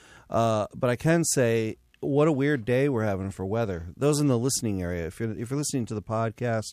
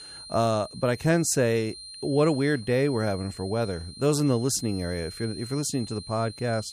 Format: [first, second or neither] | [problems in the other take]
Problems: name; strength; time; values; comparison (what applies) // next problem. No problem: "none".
first | high-pitched whine; noticeable; throughout; 4 kHz, 15 dB below the speech